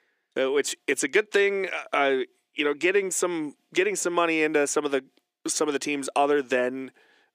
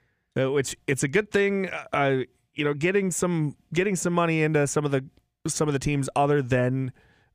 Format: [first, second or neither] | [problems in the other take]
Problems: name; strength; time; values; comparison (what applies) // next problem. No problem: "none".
second | thin; somewhat; fading below 300 Hz